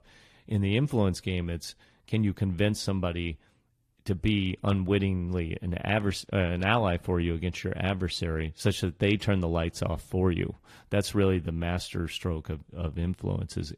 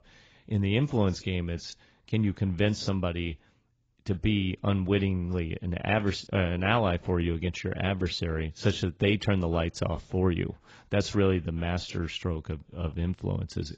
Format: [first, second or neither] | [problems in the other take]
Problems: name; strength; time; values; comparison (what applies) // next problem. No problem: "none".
first | garbled, watery; badly; nothing above 7.5 kHz; slightly in the first